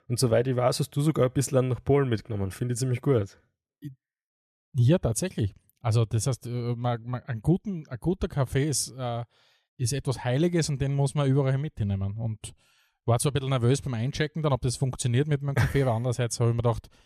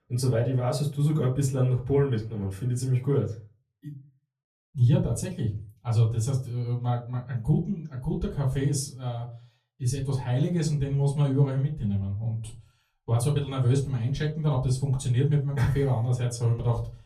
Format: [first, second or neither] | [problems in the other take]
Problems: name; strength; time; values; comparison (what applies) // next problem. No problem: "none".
first | off-mic speech; far // room echo; very slight; dies away in 0.3 s